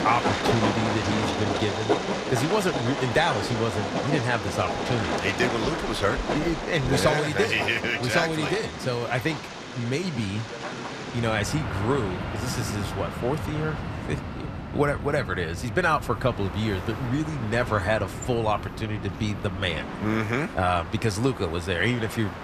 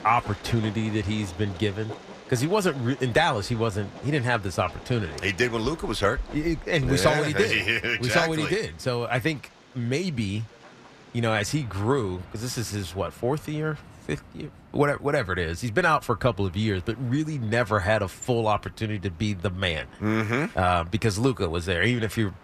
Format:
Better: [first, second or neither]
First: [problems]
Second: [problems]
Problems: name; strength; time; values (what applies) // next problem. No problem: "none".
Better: second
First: train or aircraft noise; loud; throughout; 4 dB below the speech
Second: train or aircraft noise; faint; throughout; 20 dB below the speech